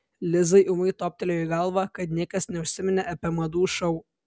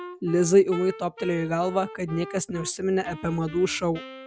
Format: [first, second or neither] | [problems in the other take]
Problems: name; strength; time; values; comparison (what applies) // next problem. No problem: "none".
first | background sound (Wind instrument, woodwind instrument); 16 dB below the speech